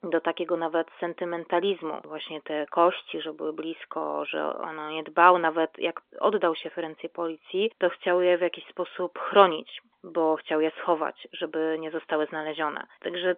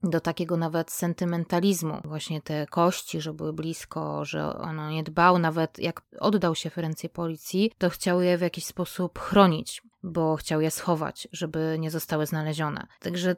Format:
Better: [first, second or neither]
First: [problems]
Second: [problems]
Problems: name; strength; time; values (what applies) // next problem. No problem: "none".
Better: second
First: phone-call audio; nothing above 3.5 kHz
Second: none